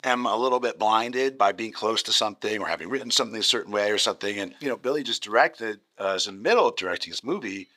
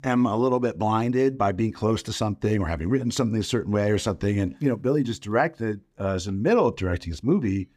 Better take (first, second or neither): second